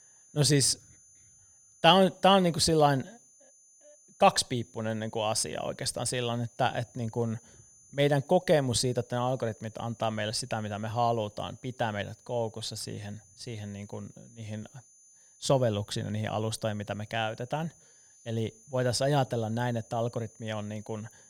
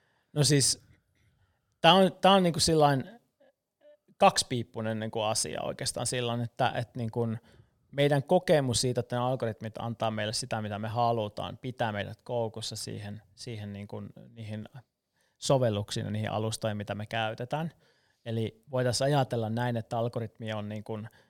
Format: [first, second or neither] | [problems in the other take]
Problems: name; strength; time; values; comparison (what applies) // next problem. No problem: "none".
second | high-pitched whine; faint; throughout; 6.5 kHz, 25 dB below the speech